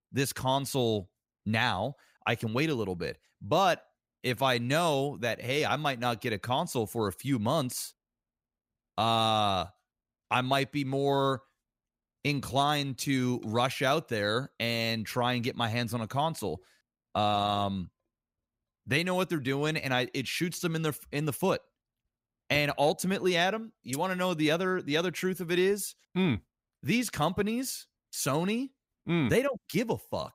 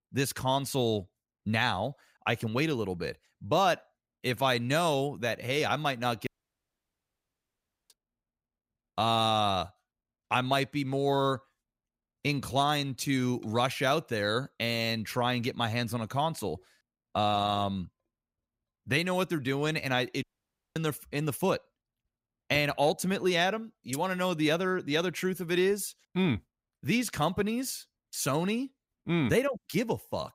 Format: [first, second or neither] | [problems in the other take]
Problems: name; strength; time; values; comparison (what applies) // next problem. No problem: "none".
first | audio cutting out; at 6.5 s for 1.5 s and at 20 s for 0.5 s